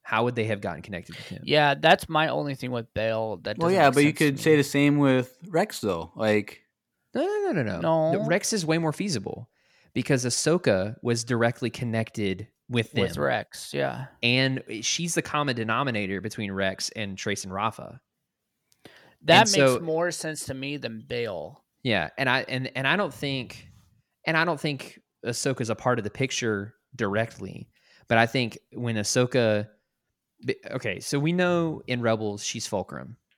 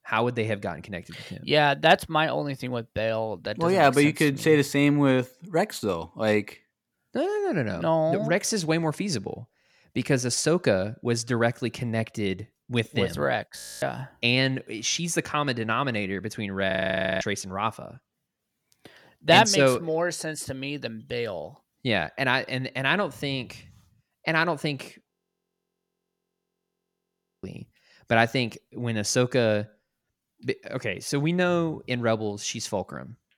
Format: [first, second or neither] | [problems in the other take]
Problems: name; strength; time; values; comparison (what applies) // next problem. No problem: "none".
first | audio freezing; at 14 s, at 17 s for 0.5 s and at 25 s for 2.5 s